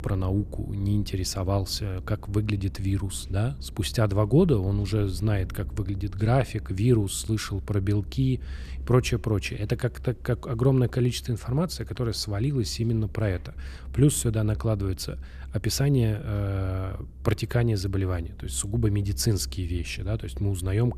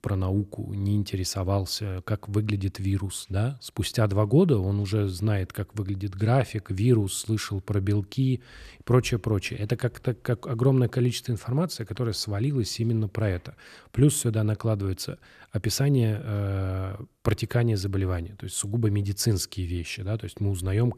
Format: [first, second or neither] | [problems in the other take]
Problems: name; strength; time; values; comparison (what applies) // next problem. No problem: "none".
second | low rumble; faint; throughout; 25 dB below the speech